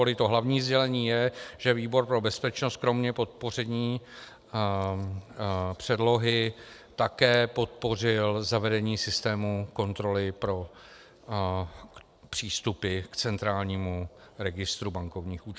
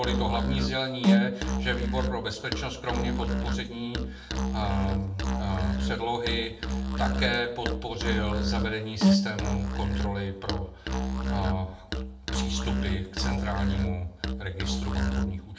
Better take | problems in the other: first | background sound (Musical instrument); 4 dB above the speech // room echo; dies away in 0.5 s

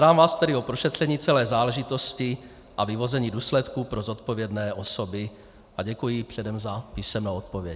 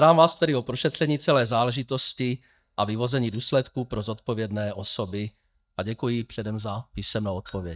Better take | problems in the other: first | noise reduction (neural mask model DeepFilterNet 3)

